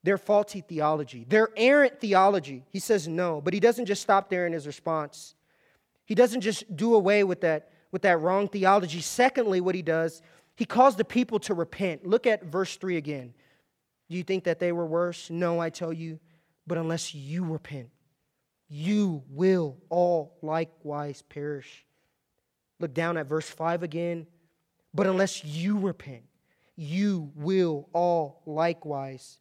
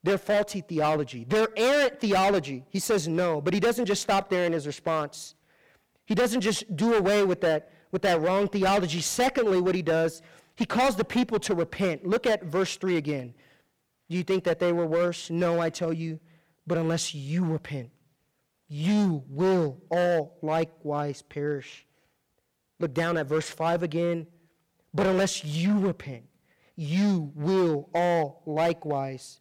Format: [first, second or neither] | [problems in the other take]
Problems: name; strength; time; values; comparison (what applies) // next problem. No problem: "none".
first | distortion; heavy; 11% of the sound clipped